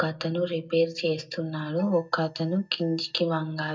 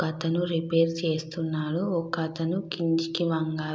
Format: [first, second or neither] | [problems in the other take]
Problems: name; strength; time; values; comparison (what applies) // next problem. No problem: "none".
second | noise reduction (neural mask model DeepFilterNet 3)